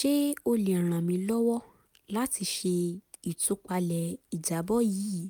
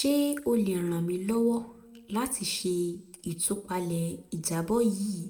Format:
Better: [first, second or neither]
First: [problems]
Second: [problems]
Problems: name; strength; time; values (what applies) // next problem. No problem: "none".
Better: first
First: none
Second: room echo; dies away in 0.4 s